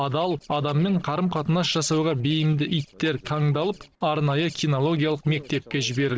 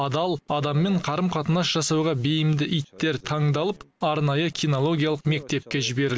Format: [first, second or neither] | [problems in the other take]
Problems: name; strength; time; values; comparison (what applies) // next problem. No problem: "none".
second | noise reduction (neural separator model SepFormer DNS4)